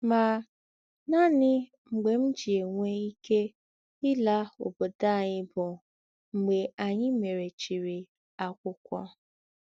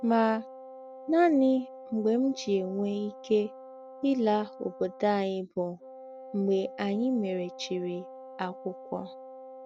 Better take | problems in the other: first | background sound (Wind instrument, woodwind instrument); 16 dB below the speech

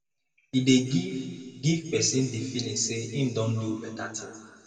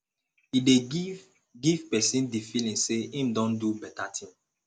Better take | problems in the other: second | room echo; dies away in 2.3 s

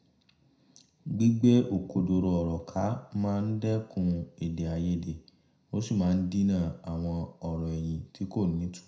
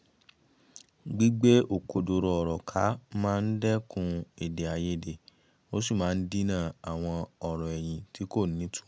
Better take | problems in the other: second | room echo; dies away in 0.4 s

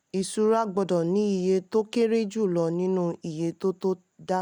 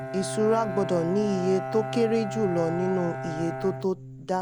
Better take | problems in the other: first | background sound (Bowed string instrument); 7 dB below the speech

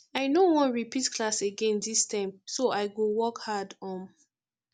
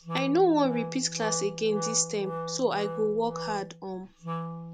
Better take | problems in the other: first | background sound (Wind instrument, woodwind instrument); 8 dB below the speech

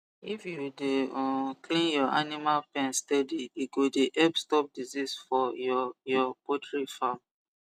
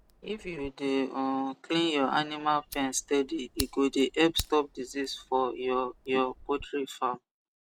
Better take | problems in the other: first | background sound (Fire); 16 dB below the speech

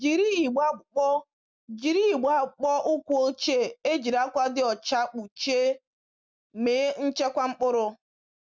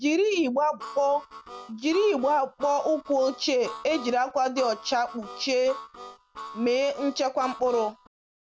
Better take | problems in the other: first | background sound (Harmonica); 16 dB below the speech

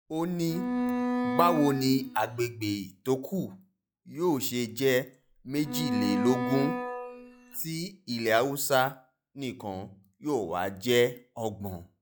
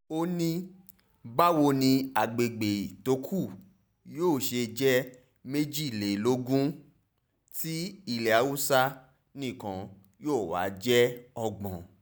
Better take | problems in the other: second | noise reduction (classical method log-MMSE)

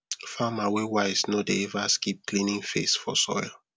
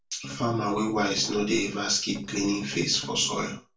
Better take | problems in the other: first | noise reduction (neural separator model SepFormer DNS4)

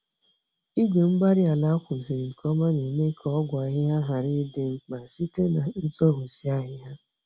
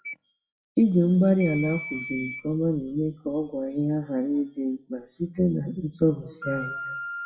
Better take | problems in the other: first | noise reduction (classical method WPE with log-MMSE)

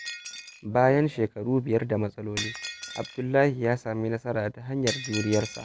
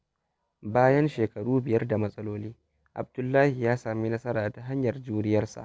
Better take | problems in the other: second | background sound (Shatter); 13 dB below the speech

